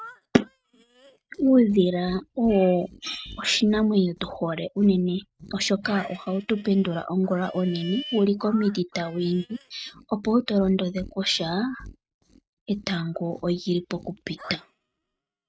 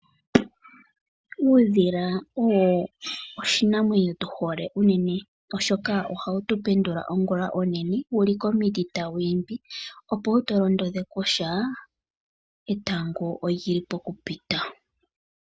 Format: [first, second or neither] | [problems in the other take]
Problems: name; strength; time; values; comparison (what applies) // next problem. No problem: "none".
second | noise reduction (neural mask model RNNoise)